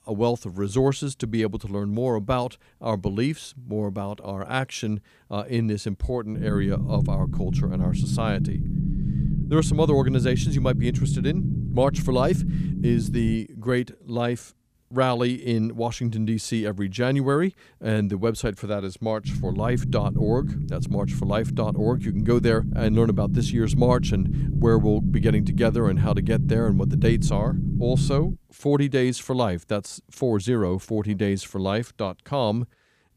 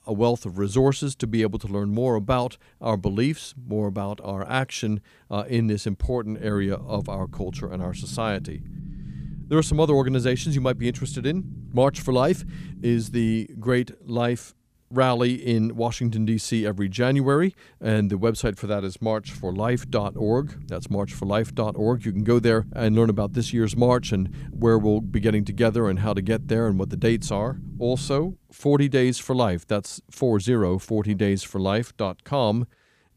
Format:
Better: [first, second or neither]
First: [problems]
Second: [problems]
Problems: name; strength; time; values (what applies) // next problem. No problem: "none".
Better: second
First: low rumble; loud; from 6.5 to 13 s and from 19 to 28 s; 8 dB below the speech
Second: low rumble; faint; from 6.5 to 13 s and from 19 to 28 s; 20 dB below the speech